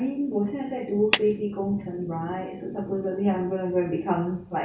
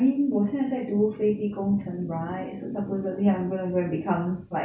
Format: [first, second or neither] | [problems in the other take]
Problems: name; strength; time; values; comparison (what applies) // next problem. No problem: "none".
second | background sound (Clapping); 6 dB below the speech // room echo; dies away in 0.8 s